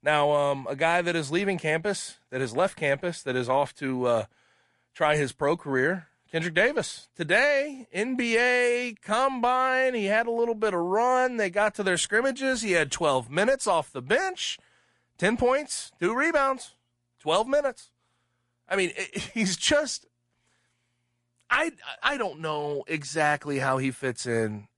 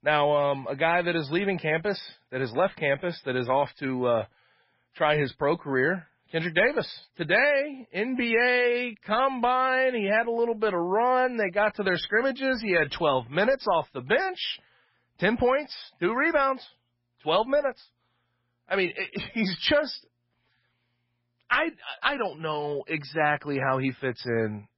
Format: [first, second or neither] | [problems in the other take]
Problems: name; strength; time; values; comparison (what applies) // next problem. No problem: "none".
first | garbled, watery; badly; nothing above 5.5 kHz; slightly in the first